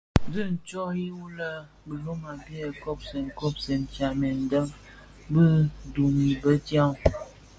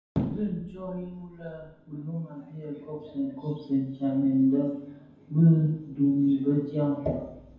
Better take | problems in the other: first | room echo; dies away in 0.9 s

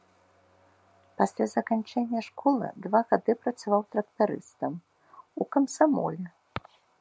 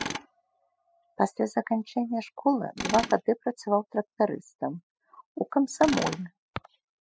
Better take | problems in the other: first | noise reduction (classical method spectral subtraction)

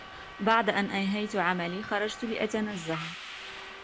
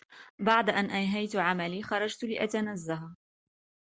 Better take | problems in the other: second | background sound (Subway, metro, underground); 12 dB below the speech

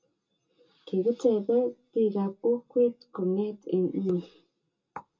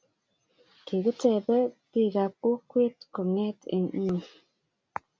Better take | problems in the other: second | room echo; dies away in 0.2 s

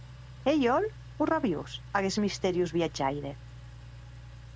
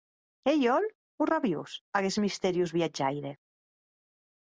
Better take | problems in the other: second | background sound (Engine); 15 dB below the speech

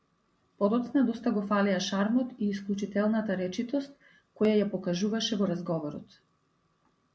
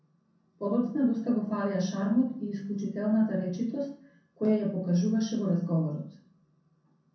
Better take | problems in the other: first | room echo; dies away in 0.6 s

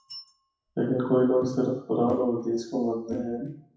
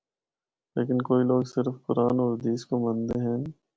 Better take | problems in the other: second | noise reduction (classical method WPE with log-MMSE)

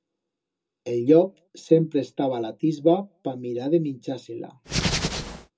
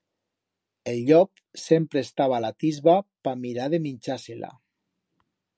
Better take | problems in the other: second | background sound (Hands); 2 dB below the speech // room echo; dies away in 0.2 s

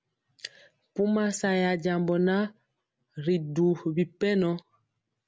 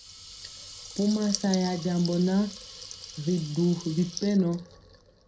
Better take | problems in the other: first | background sound (Water tap, faucet / Liquid); 13 dB below the speech // room echo; dies away in 0.2 s

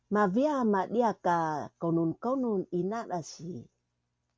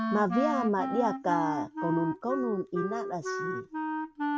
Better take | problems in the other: first | background sound (Wind instrument, woodwind instrument); 2 dB below the speech

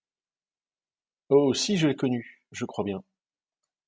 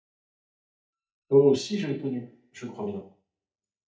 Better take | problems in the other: first | noise reduction (neural mask model DeepFilterNet 3)

